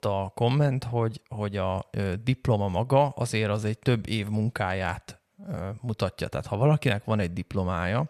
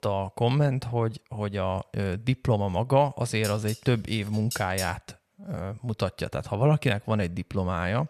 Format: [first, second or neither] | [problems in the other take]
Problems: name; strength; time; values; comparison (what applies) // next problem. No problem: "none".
first | clattering dishes; noticeable; from 3.5 to 5 s; peak 6 dB below the speech